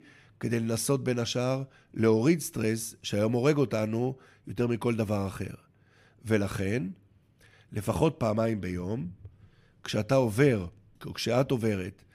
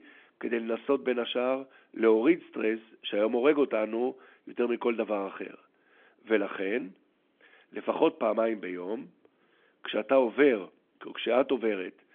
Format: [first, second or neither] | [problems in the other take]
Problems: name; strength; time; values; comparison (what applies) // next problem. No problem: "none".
first | phone-call audio; nothing above 3.5 kHz